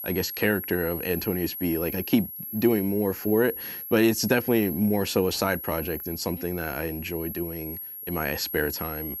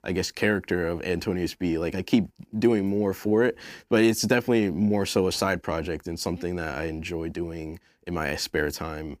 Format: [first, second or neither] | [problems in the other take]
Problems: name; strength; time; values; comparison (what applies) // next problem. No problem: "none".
second | high-pitched whine; loud; throughout; 11.5 kHz, 8 dB below the speech